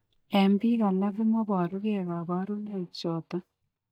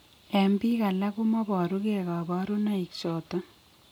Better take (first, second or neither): second